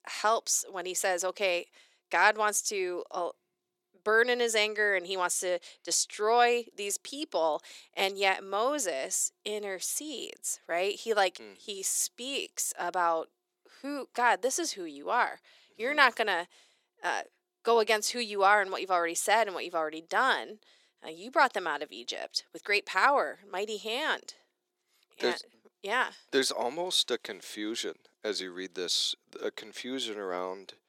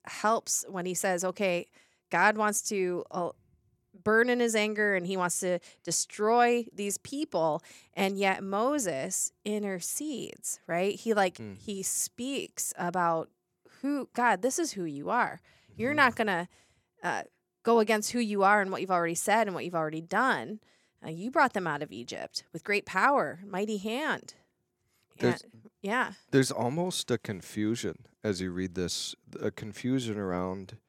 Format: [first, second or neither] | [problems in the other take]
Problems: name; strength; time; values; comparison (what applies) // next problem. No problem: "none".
second | thin; somewhat; fading below 350 Hz